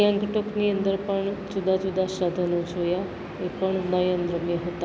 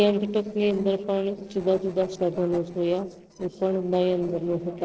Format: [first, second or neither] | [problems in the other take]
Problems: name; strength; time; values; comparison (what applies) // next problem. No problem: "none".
first | noise reduction (neural separator model SepFormer DNS4)